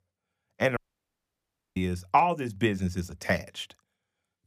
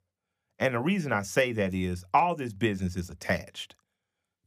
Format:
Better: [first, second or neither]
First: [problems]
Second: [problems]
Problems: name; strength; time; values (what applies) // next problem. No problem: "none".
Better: second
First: audio cutting out; at 1 s for 1 s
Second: none